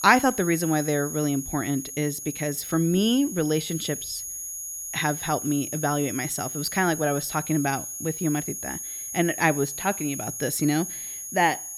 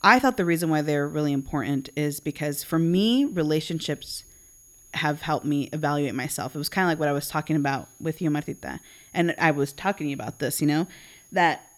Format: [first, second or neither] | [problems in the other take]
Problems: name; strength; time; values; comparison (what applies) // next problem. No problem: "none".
second | high-pitched whine; loud; throughout; 6.5 kHz, 6 dB below the speech; faint in the second